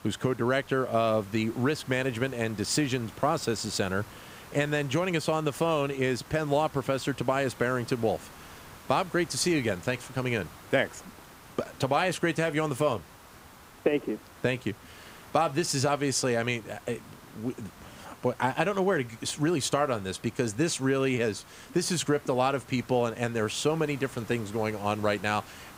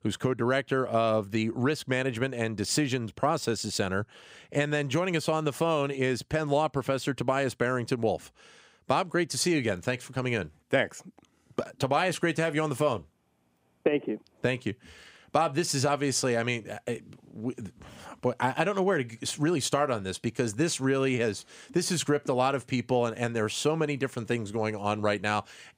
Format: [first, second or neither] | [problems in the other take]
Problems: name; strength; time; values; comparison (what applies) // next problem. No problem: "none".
second | hiss; faint; throughout; 20 dB below the speech